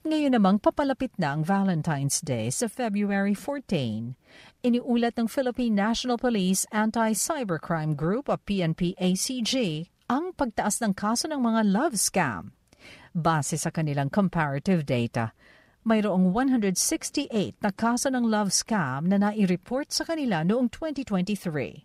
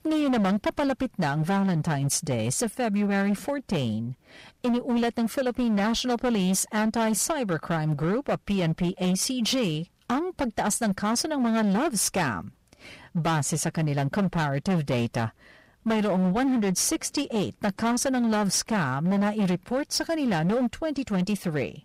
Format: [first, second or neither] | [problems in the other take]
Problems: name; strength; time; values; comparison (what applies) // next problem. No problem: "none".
first | distortion; slight; 18% of the sound clipped